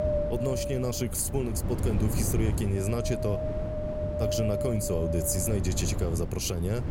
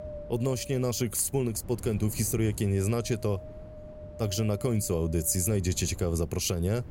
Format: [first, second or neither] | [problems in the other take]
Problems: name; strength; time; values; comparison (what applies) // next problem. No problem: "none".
second | wind noise on the microphone; heavy; 1 dB below the speech; occasional gusts in the second